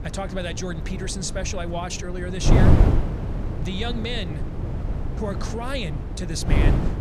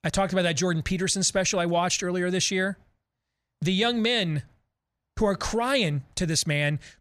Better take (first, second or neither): second